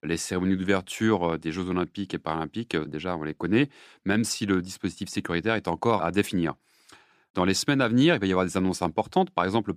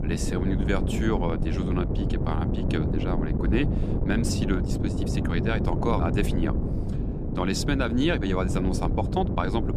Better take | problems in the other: first | wind noise on the microphone; heavy; 4 dB below the speech

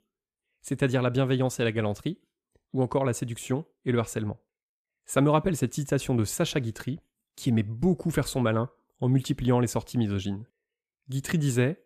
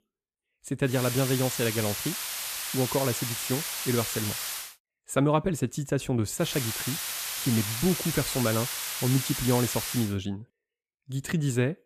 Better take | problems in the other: first | hiss; loud; from 1 to 4.5 s and from 6.5 to 10 s; 2 dB below the speech

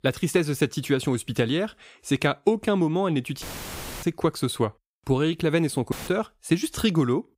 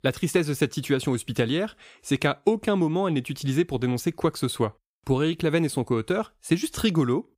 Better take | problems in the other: second | audio cutting out; filled with static; at 3.5 s for 0.5 s and at 6 s

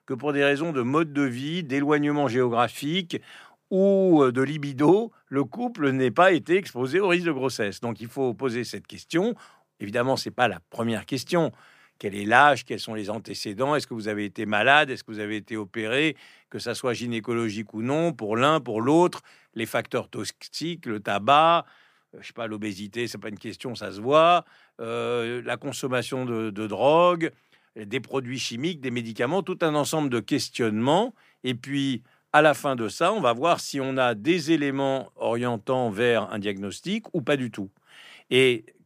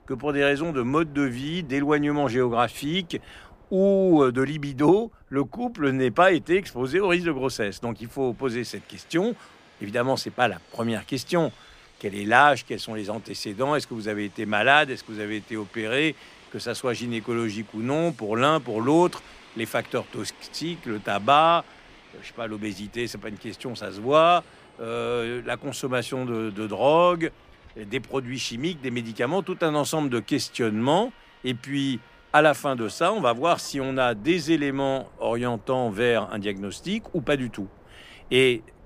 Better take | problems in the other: first | train or aircraft noise; faint; throughout; 25 dB below the speech

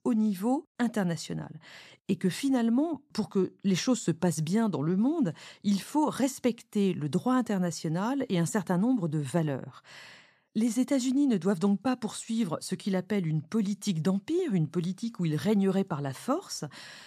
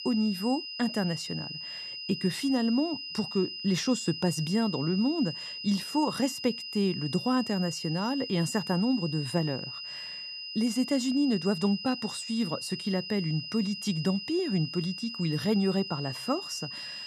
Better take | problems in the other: first | high-pitched whine; loud; throughout; 5 kHz, 7 dB below the speech

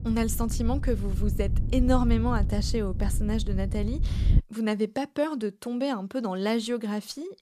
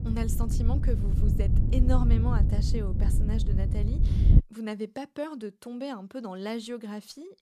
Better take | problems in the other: first | wind noise on the microphone; heavy; until 4.5 s; 3 dB below the speech; occasional gusts in the first

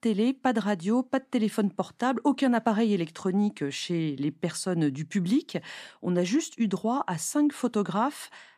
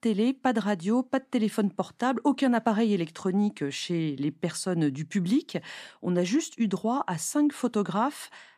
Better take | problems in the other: neither | none

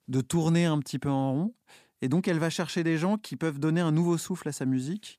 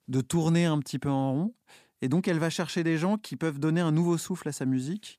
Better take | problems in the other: neither | none

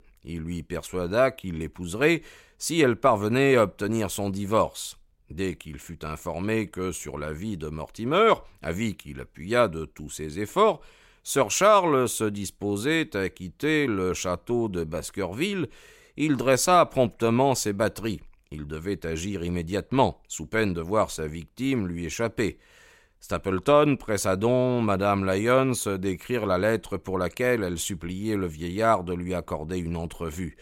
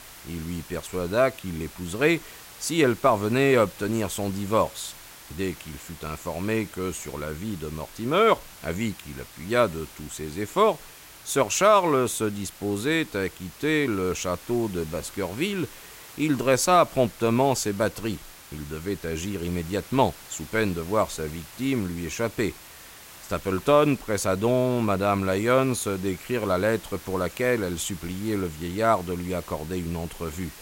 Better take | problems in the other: first | hiss; noticeable; throughout; 20 dB below the speech

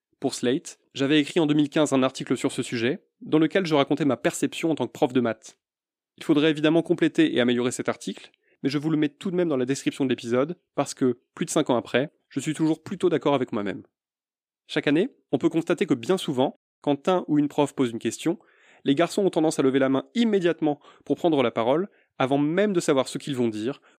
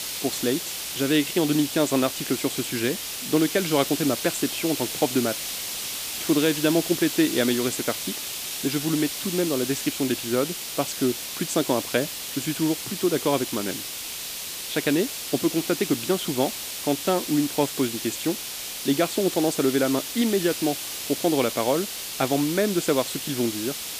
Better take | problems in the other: first | hiss; loud; throughout; 4 dB below the speech

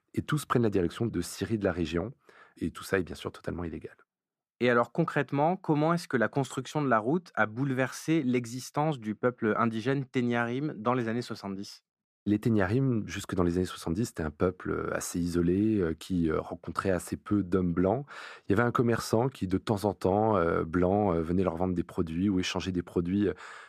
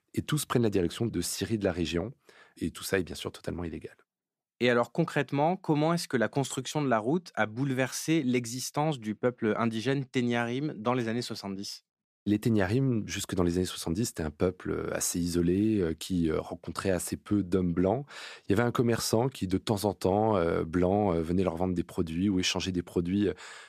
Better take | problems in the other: second | muffled; very slightly; fading above 2.5 kHz

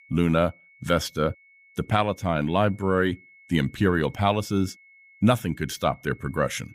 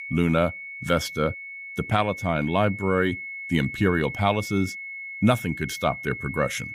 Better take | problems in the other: first | high-pitched whine; loud; throughout; 2 kHz, 9 dB below the speech; faint in the first

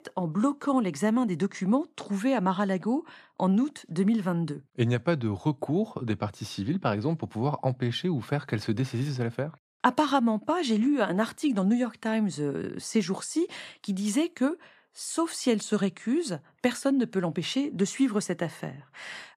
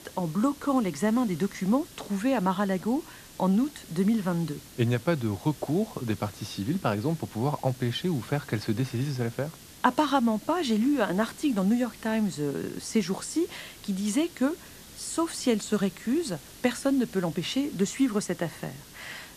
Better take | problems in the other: first | hiss; noticeable; throughout; 20 dB below the speech

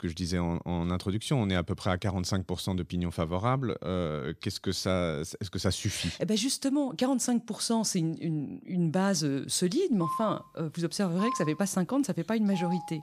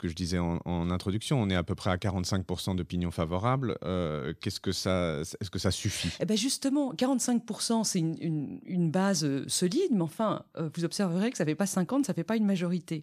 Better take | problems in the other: second | phone ringing; noticeable; from 10 s on; peak 5 dB below the speech

